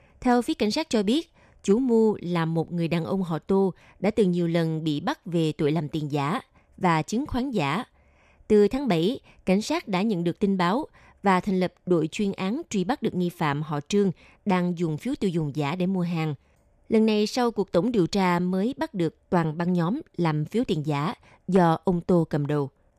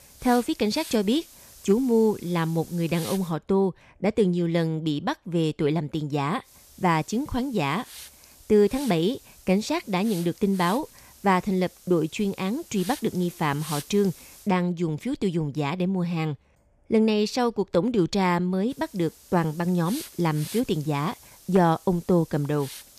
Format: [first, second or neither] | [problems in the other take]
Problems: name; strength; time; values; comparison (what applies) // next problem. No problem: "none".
first | hiss; noticeable; until 3.5 s, from 6.5 to 14 s and from 19 s on; 15 dB below the speech